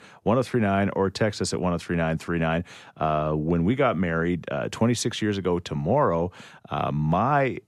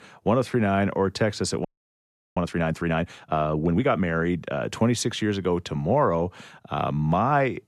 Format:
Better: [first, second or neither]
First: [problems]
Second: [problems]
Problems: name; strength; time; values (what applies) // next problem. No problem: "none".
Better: first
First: none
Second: audio freezing; at 1.5 s for 0.5 s